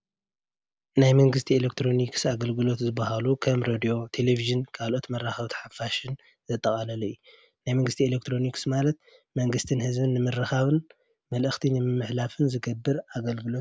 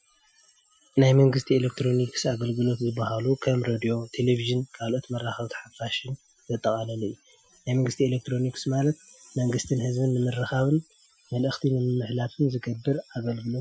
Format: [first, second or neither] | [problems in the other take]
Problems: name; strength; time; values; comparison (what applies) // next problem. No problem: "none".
first | noise reduction (classical method Wiener filter)